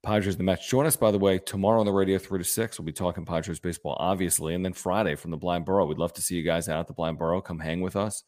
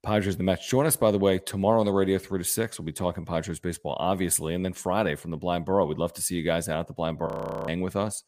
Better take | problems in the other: first | audio freezing; at 7.5 s

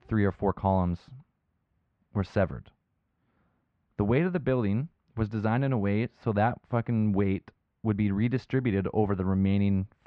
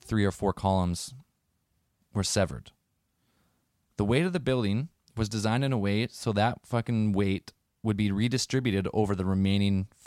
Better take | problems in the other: second | muffled; very; fading above 2 kHz

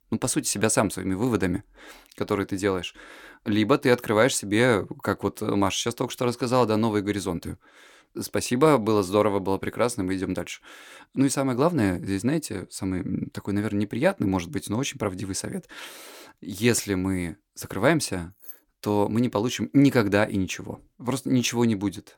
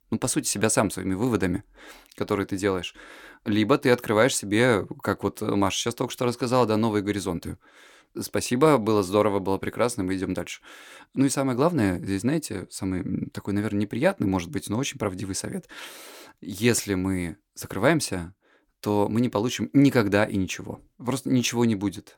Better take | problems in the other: second | jangling keys; faint; at 18 s; peak 15 dB below the speech

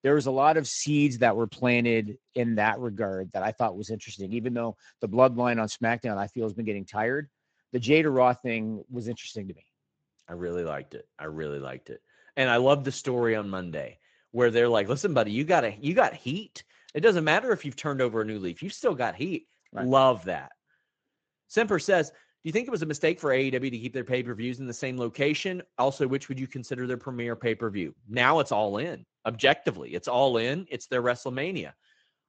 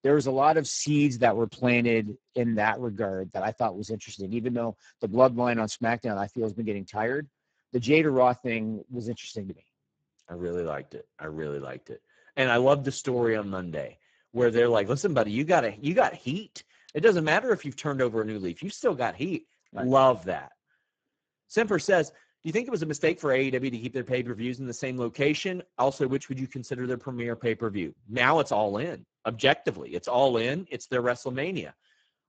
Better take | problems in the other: first | garbled, watery; badly; nothing above 7.5 kHz; slightly in the first

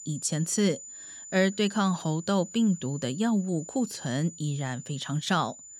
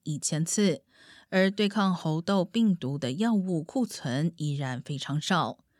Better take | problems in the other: second | high-pitched whine; noticeable; throughout; 7 kHz, 15 dB below the speech

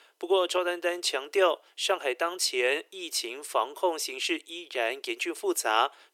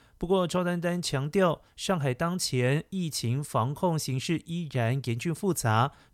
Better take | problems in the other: second | thin; very; fading below 350 Hz

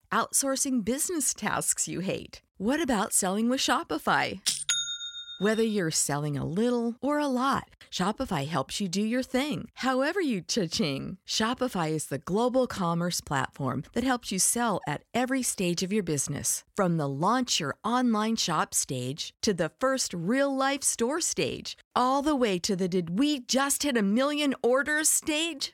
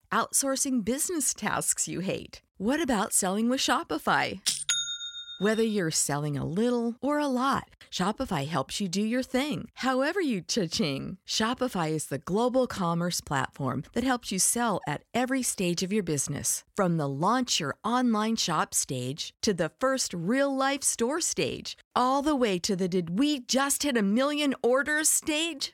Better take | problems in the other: neither | none

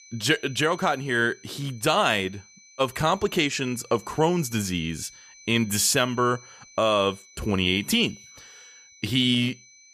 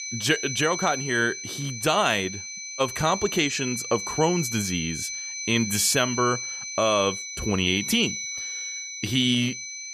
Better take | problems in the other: first | high-pitched whine; loud; throughout; 6 kHz, 6 dB below the speech; faint in the first

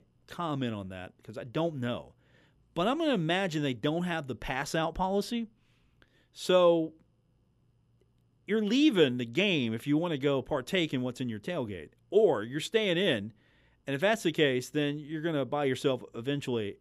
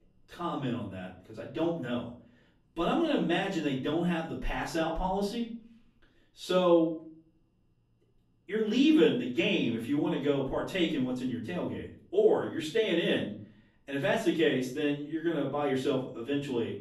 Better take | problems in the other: first | off-mic speech; far // room echo; slight; dies away in 0.4 s

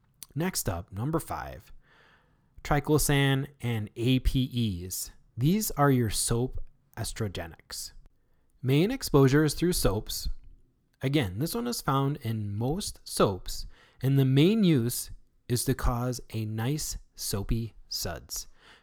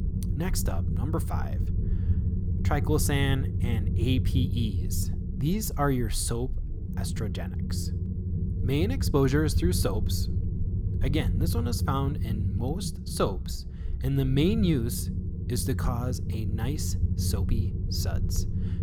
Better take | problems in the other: first | low rumble; loud; throughout; 9 dB below the speech

